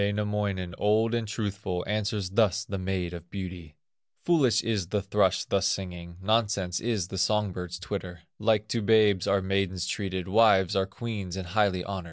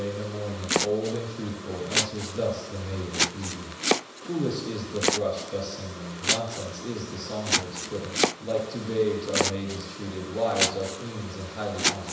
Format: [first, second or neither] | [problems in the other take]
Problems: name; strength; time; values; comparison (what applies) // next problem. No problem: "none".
first | background sound (Domestic sounds, home sounds); as loud as the speech // room echo; dies away in 1 s